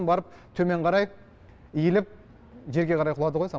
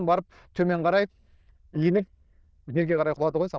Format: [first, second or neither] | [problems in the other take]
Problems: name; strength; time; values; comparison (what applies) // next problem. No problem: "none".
first | noise reduction (neural diffusion model UNIVERSE++)